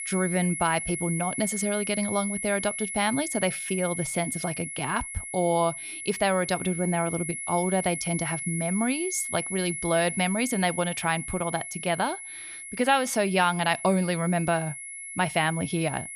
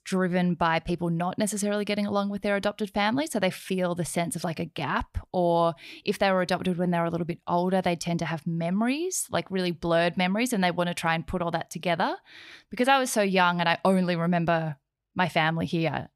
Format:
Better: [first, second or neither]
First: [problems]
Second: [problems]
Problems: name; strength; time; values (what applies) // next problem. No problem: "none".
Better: second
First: high-pitched whine; loud; throughout; 2 kHz, 6 dB below the speech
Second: none